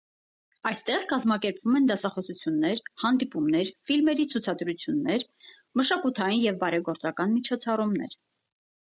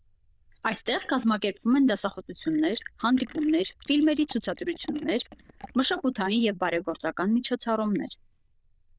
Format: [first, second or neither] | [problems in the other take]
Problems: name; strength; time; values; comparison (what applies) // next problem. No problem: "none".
first | noise reduction (neural diffusion model UNIVERSE++)